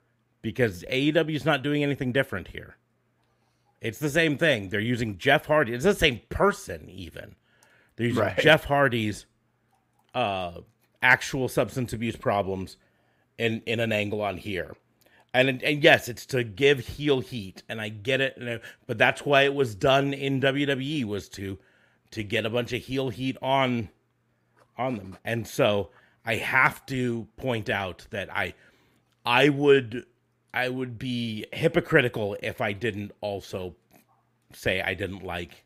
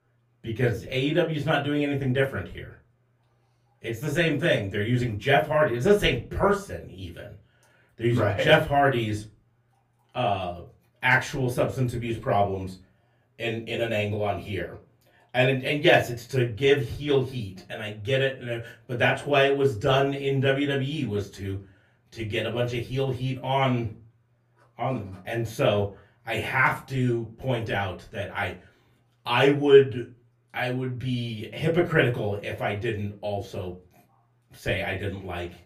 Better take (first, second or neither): first